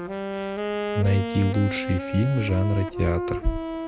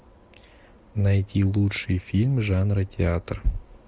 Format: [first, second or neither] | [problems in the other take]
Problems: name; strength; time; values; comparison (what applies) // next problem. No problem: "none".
second | background sound (Wind instrument, woodwind instrument); 5 dB below the speech